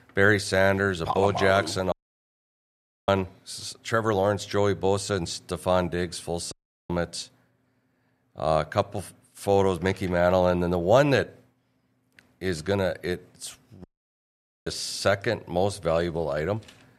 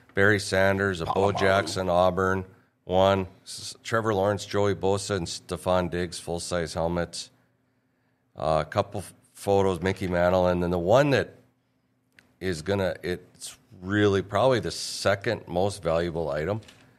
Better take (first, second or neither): second